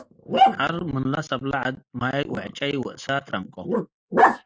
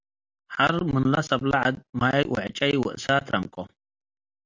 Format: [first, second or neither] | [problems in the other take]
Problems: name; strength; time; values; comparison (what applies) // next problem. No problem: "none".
second | noise reduction (neural mask model Resemble Enhance denoiser)